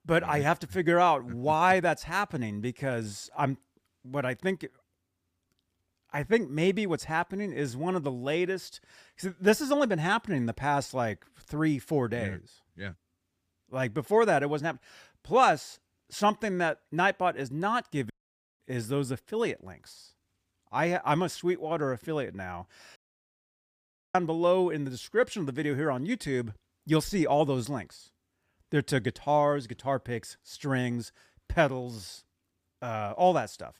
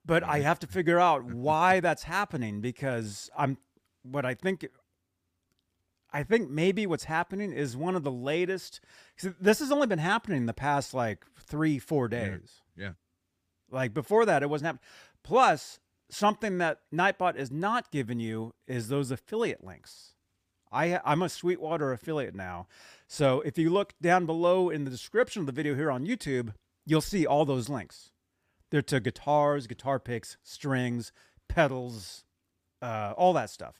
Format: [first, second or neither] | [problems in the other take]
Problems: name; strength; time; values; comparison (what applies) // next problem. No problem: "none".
second | audio cutting out; at 18 s for 0.5 s and at 23 s for 1 s